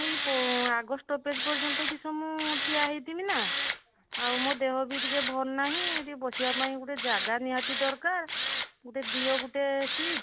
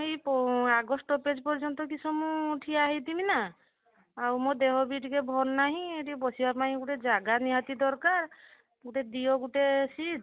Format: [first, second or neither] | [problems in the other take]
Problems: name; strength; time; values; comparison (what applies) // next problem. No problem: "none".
second | background sound (Tools); 1 dB below the speech